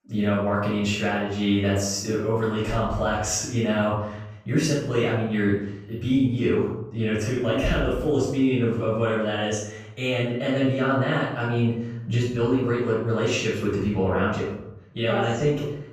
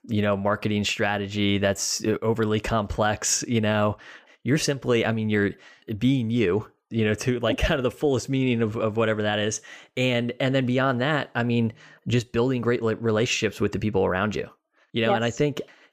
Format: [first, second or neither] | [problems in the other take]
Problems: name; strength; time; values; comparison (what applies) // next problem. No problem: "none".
second | room echo; noticeable; dies away in 0.7 s // off-mic speech; far